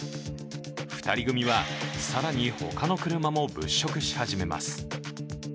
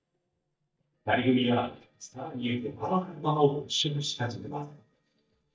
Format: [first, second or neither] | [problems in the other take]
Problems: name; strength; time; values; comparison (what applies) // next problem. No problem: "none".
first | noise reduction (neural mask model DeepFilterNet 3)